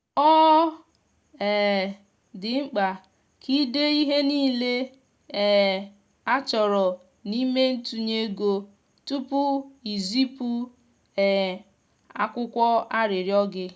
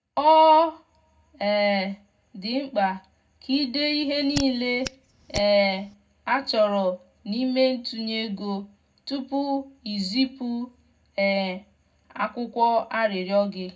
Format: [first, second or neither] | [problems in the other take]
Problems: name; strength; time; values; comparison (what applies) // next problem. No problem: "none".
first | background sound (Hands); 13 dB below the speech // room echo; dies away in 0.3 s